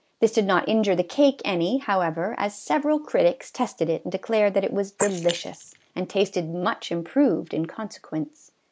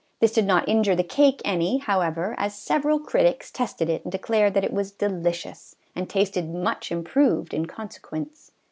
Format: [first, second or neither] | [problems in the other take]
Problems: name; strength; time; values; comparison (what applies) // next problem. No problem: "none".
second | noise reduction (neural mask model Resemble Enhance denoiser)